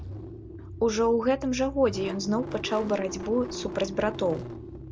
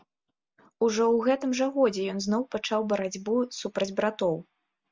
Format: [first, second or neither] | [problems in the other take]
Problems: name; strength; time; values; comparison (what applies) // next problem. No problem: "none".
second | background sound (Engine starting / Car); 10 dB below the speech